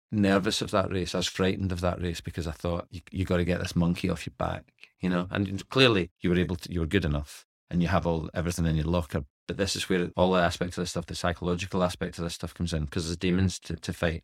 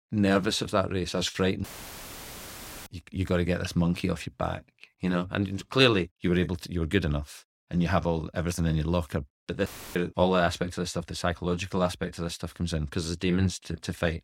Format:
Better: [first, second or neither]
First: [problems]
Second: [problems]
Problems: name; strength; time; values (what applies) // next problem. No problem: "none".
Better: first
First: none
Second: audio cutting out; filled with static; at 1.5 s for 1 s and at 9.5 s